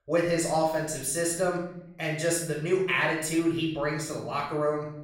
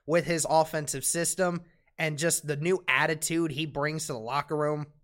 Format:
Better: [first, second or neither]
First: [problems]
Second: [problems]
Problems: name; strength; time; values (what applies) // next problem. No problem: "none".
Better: second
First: off-mic speech; far // room echo; noticeable; dies away in 0.6 s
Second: none